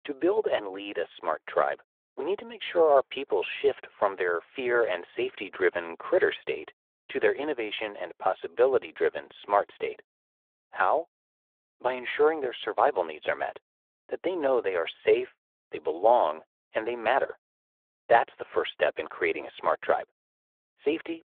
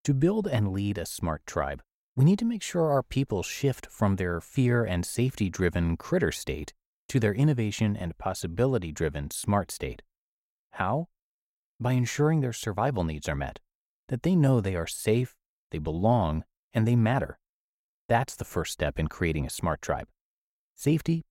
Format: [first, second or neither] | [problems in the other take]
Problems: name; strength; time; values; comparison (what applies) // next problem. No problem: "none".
second | phone-call audio